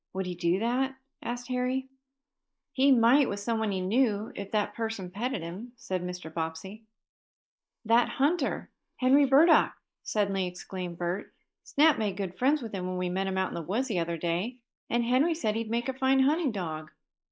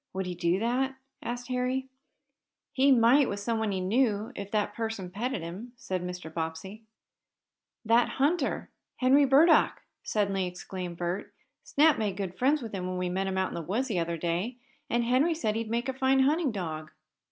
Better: second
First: noise reduction (neural mask model Resemble Enhance denoiser)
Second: none

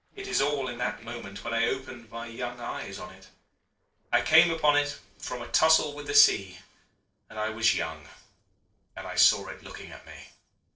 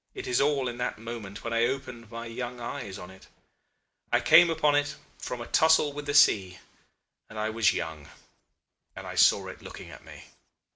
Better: second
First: noise reduction (neural separator model SepFormer DNS4)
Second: none

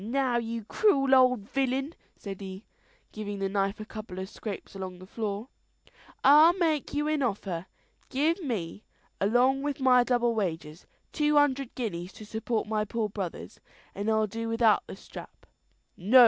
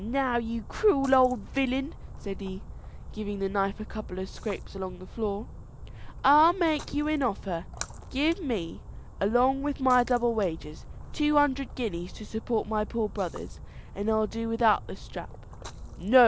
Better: first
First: none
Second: background sound (Splash, splatter); 13 dB below the speech

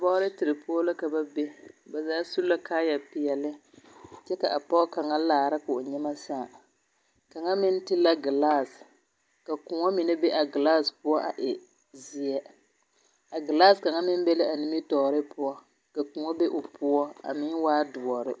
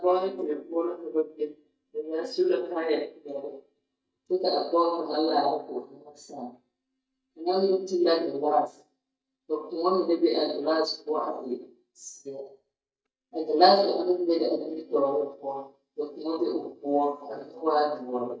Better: first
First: none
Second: noise reduction (neural mask model DeepFilterNet 3)

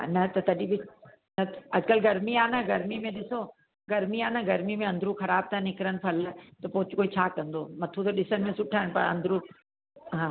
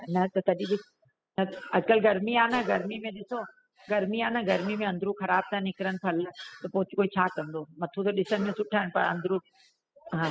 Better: first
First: none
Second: noise reduction (classical method spectral subtraction)

